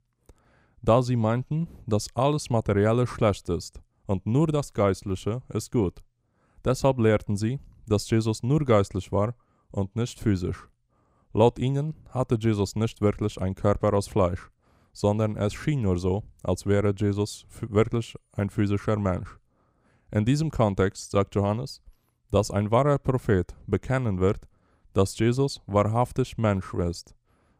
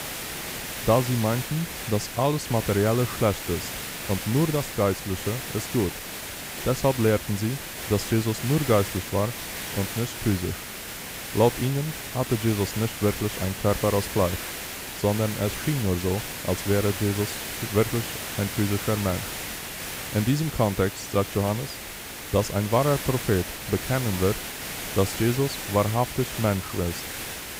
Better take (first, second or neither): first